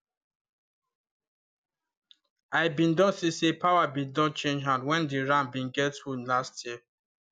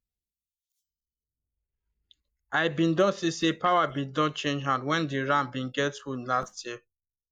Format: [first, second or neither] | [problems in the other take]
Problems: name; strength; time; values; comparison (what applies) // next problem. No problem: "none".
first | noise reduction (neural mask model Resemble Enhance denoiser)